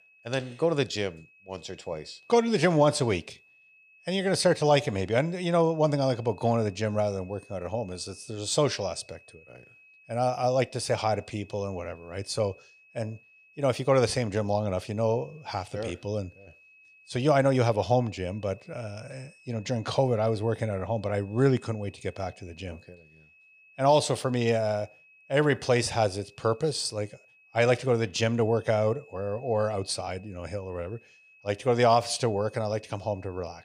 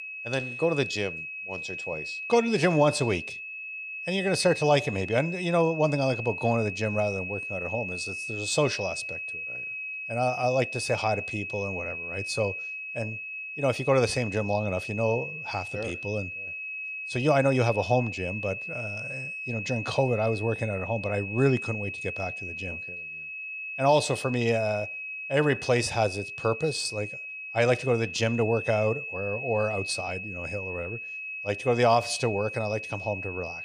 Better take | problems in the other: first | high-pitched whine; loud; throughout; 2.5 kHz, 6 dB below the speech; faint in the first

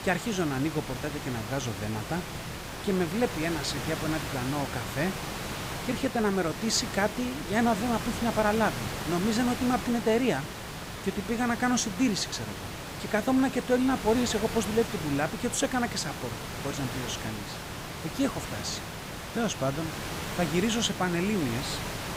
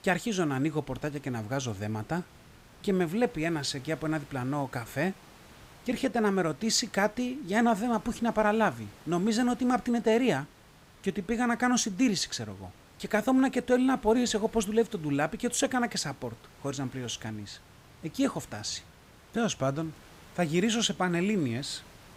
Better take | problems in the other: second | hiss; loud; throughout; 6 dB below the speech; faint in the second

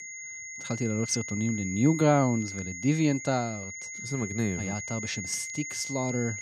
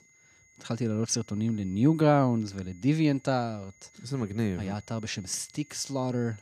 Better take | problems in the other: second | high-pitched whine; loud; throughout; 2 kHz, 7 dB below the speech; faint in the second

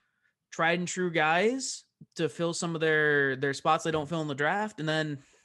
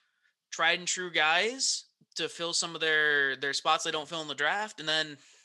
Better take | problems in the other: first | thin; somewhat; fading below 950 Hz

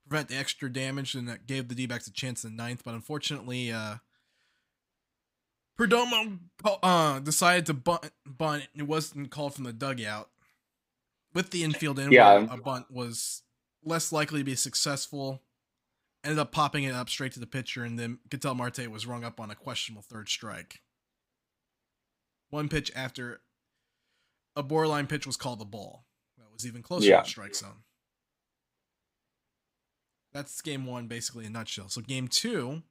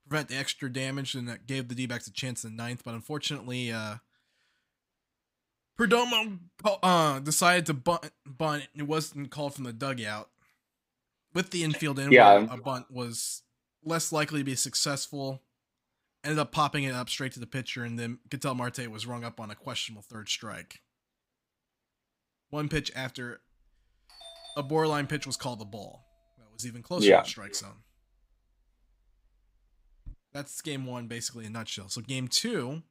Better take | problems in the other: first | doorbell; faint; from 24 to 30 s; peak 15 dB below the speech

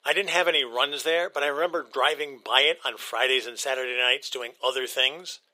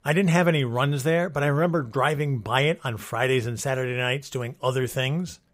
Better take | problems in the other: second | thin; very; fading below 400 Hz

